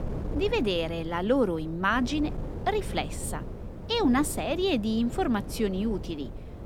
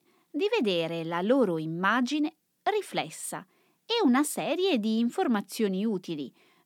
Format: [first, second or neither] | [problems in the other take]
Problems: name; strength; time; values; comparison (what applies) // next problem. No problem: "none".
second | wind noise on the microphone; occasional gusts; 15 dB below the speech